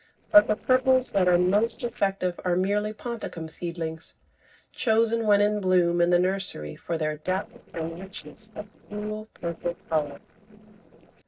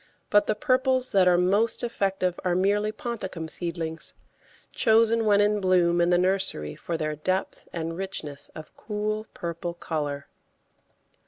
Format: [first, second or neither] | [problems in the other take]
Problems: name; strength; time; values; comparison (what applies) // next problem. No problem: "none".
second | noise reduction (neural separator model SepFormer DNS4)